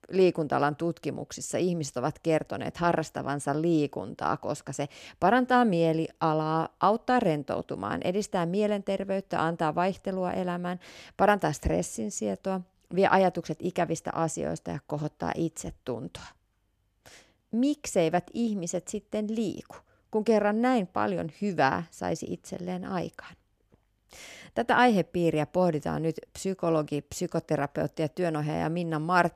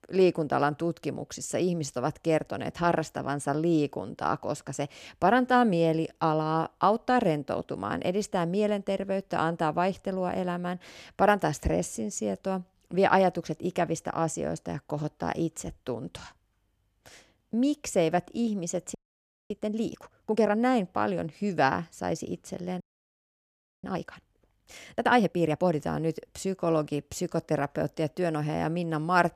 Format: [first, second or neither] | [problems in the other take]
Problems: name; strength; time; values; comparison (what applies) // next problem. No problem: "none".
first | audio freezing; at 19 s for 0.5 s and at 23 s for 1 s